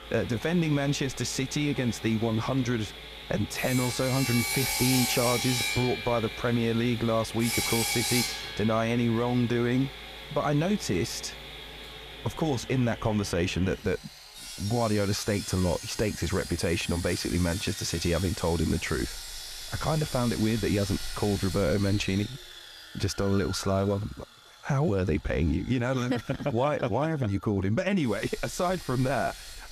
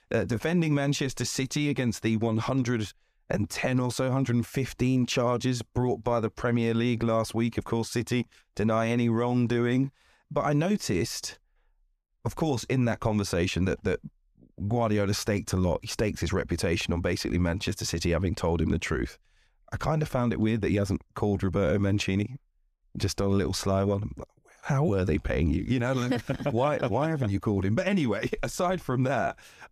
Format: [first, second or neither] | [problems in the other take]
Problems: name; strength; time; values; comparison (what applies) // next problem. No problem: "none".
second | machinery noise; loud; throughout; 6 dB below the speech